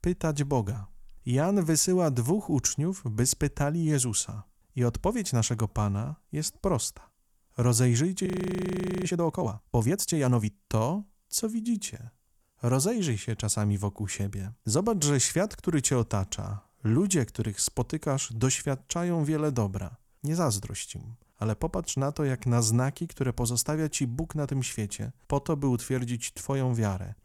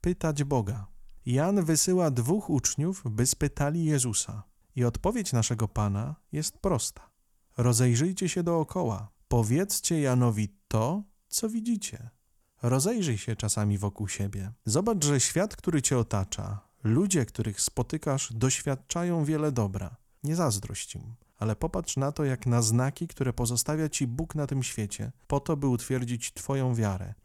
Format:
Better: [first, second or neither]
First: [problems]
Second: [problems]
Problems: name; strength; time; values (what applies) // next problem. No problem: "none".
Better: second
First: audio freezing; at 8.5 s for 1 s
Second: none